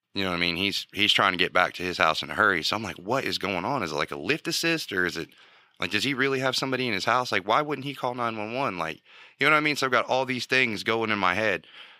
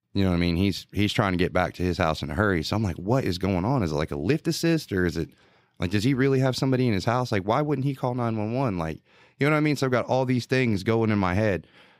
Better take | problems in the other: second | thin; somewhat; fading below 650 Hz

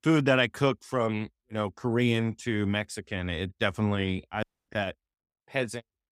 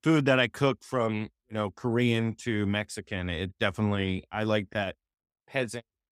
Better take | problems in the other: second | audio cutting out; at 4.5 s

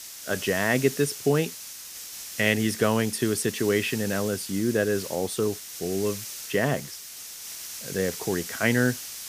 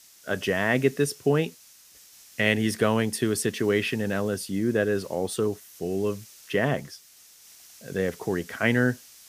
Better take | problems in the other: second | hiss; loud; throughout; 9 dB below the speech; faint in the second

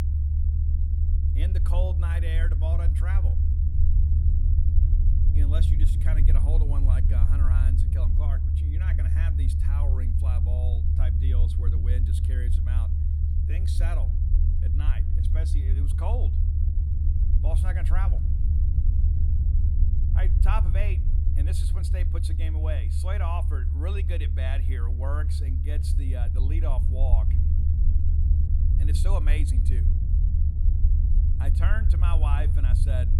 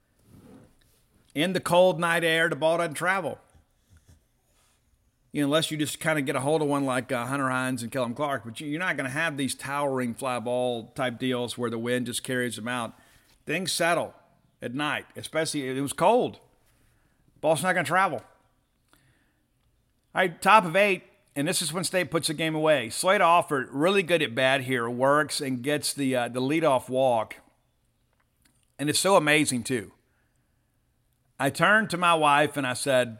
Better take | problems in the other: second | low rumble; loud; throughout; 2 dB below the speech

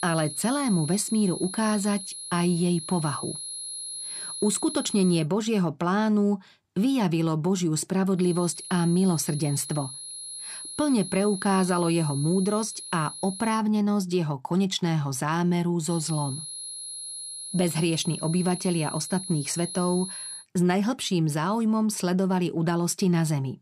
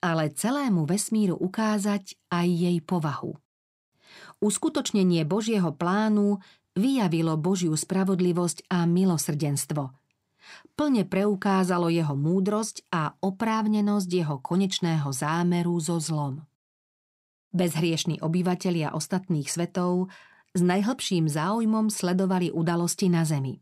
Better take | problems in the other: second | high-pitched whine; loud; until 5 s, from 8 to 14 s and from 16 to 20 s; 10.5 kHz, 9 dB below the speech

